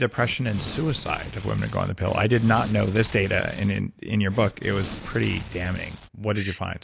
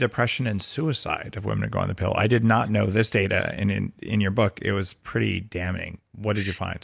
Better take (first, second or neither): second